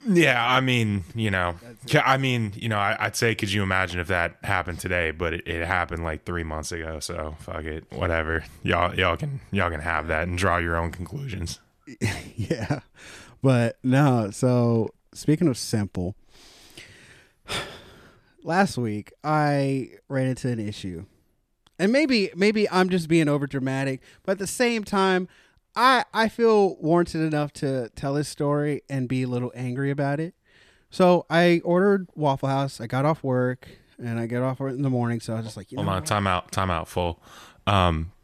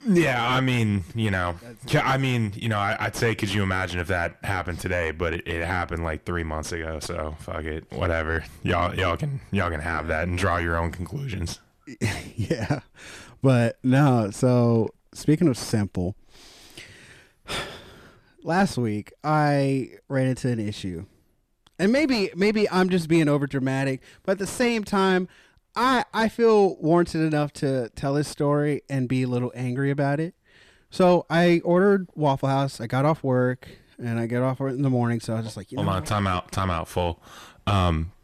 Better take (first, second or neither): first